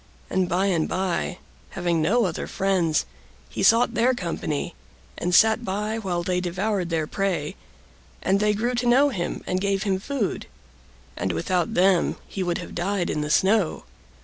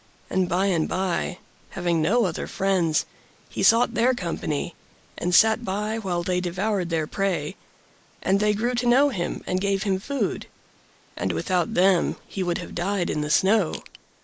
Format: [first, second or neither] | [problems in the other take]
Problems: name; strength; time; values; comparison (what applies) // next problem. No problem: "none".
first | noise reduction (neural mask model Resemble Enhance denoiser)